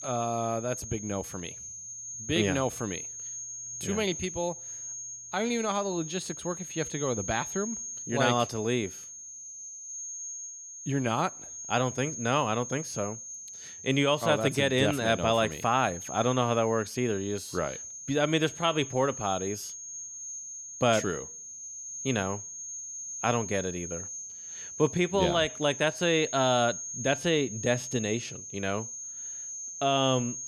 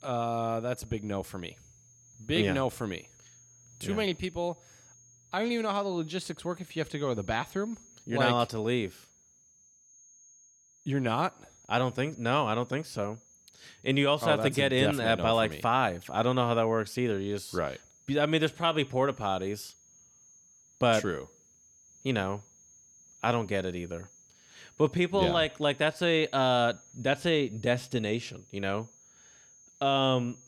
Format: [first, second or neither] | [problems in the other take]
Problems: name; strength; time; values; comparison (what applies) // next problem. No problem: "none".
second | high-pitched whine; loud; throughout; 6.5 kHz, 9 dB below the speech; faint in the second